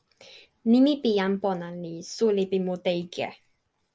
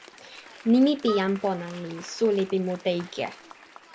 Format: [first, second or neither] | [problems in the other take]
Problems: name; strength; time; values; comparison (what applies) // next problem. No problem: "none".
first | background sound (Applause / Crowd + Harp); 17 dB below the speech